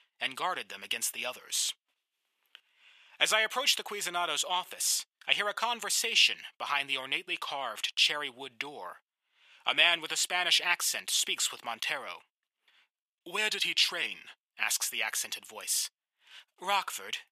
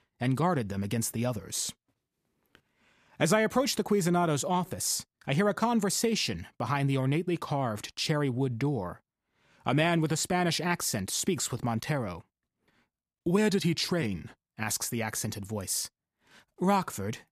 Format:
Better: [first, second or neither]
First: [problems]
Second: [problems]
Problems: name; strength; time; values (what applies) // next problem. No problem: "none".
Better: second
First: thin; very; fading below 900 Hz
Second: none